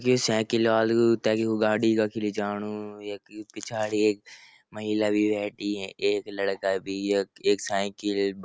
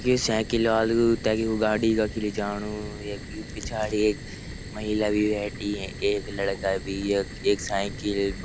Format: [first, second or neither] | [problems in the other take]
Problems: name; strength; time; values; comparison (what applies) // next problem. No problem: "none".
first | background sound (Fire); 11 dB below the speech